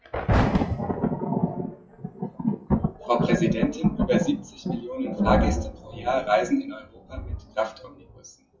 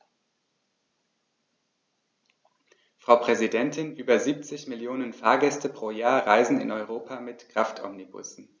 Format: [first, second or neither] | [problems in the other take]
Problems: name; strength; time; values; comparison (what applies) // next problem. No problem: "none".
second | noise reduction (classical method WPE with log-MMSE)